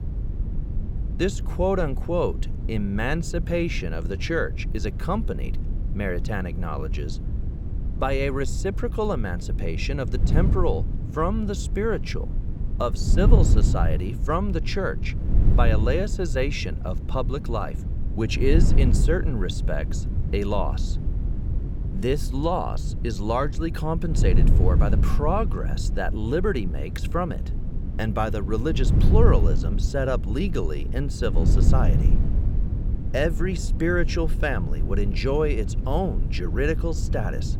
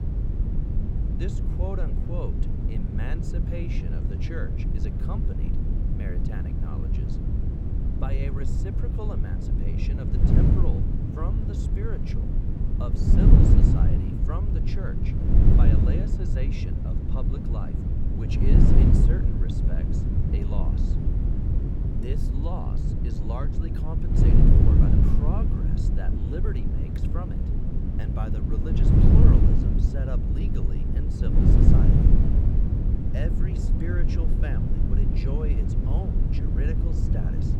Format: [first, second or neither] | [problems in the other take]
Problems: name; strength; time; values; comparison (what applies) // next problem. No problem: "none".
first | wind noise on the microphone; heavy; 5 dB above the speech; occasional gusts in the first